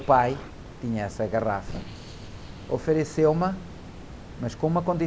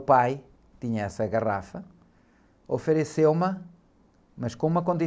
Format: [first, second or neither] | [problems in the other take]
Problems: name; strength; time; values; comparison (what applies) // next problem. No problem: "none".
second | background sound (Water + Explosion); 13 dB below the speech